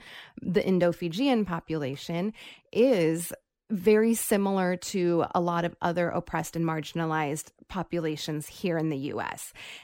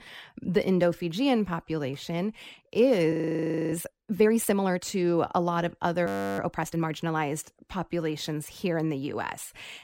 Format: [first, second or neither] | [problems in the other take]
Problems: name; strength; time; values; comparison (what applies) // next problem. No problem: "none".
first | audio freezing; at 3 s for 0.5 s and at 6 s